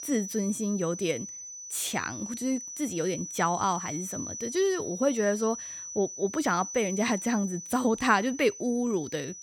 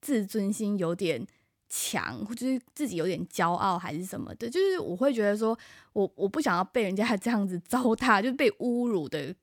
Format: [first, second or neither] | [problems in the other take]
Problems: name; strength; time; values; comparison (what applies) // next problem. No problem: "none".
second | high-pitched whine; loud; throughout; 6 kHz, 8 dB below the speech